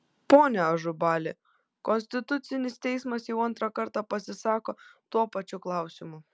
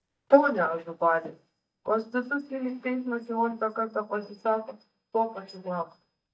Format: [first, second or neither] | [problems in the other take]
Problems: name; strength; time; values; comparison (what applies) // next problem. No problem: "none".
first | noise reduction (neural mask model DeepFilterNet 3)